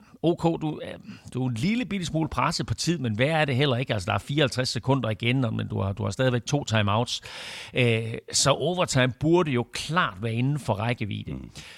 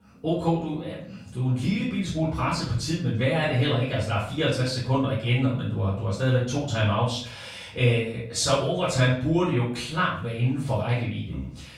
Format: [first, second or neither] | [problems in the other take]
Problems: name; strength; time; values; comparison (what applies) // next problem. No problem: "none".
first | room echo; noticeable; dies away in 0.5 s // off-mic speech; far